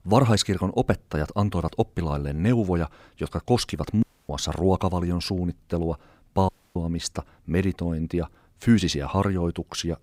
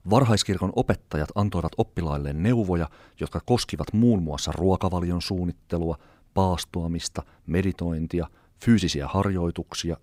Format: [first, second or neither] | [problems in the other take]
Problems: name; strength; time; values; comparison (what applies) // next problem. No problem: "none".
second | audio cutting out; at 4 s and at 6.5 s